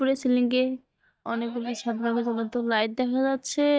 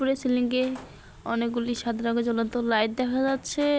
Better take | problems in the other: second | noise reduction (neural mask model DeepFilterNet 3)

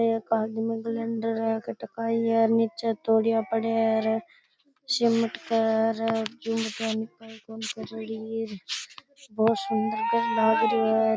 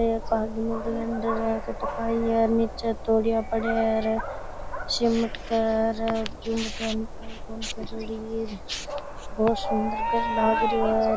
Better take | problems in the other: first | background sound (Dog); 7 dB below the speech

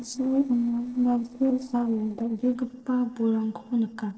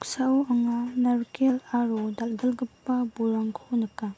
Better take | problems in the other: second | noise reduction (neural separator model SepFormer DNS4)

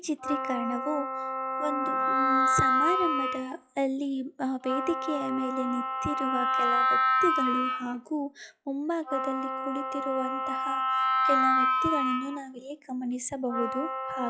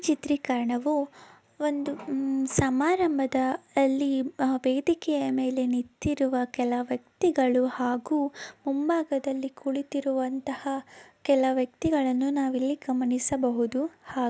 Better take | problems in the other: second | noise reduction (classical method log-MMSE)

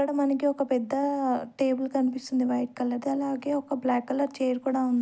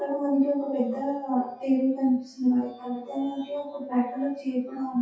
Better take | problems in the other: first | noise reduction (classical method WPE with log-MMSE)

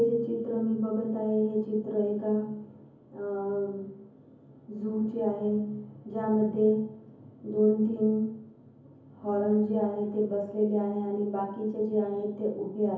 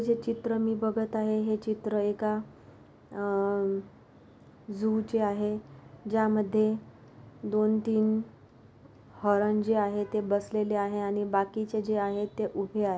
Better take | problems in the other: second | room echo; dies away in 0.7 s

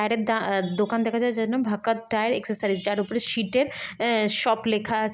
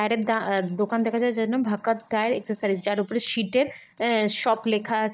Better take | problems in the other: first | noise reduction (neural mask model DeepFilterNet 3)

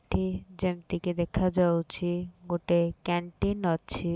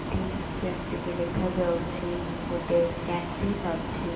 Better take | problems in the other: first | background sound (Bus); 3 dB below the speech // room echo; dies away in 2.4 s

